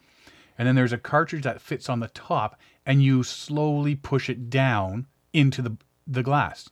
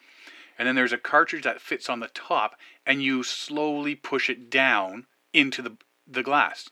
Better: first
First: none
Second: thin; somewhat; fading below 300 Hz

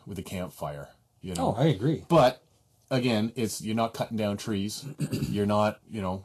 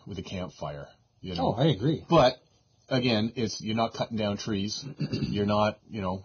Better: first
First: garbled, watery; slightly; nothing above 12.5 kHz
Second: garbled, watery; badly; nothing above 6.5 kHz

